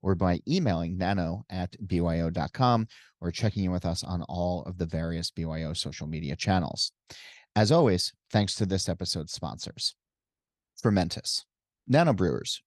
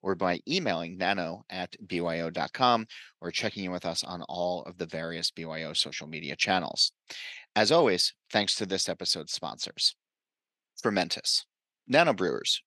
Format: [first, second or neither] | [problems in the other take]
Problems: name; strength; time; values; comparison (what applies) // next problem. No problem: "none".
first | thin; somewhat; fading below 300 Hz